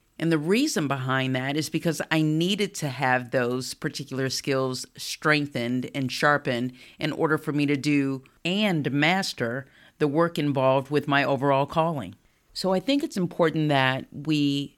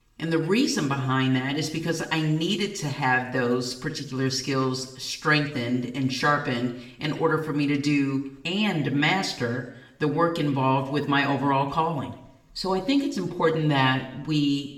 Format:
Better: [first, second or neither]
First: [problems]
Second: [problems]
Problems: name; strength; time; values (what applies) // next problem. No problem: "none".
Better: first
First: none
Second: room echo; slight; dies away in 0.7 s // off-mic speech; somewhat distant